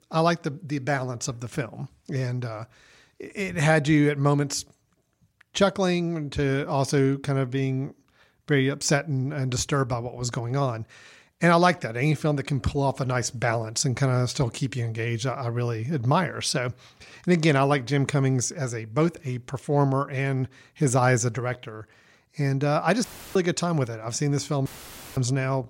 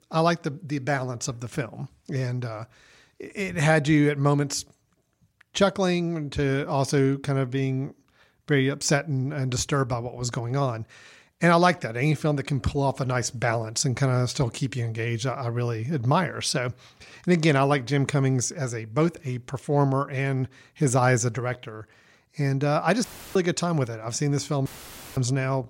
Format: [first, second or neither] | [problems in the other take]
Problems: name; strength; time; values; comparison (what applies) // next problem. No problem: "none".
neither | audio cutting out; filled with static; at 23 s and at 25 s for 0.5 s; the same in both